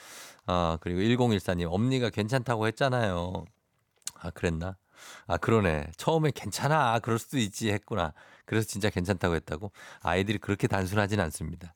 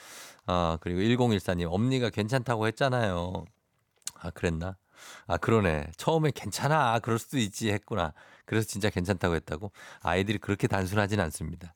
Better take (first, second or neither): neither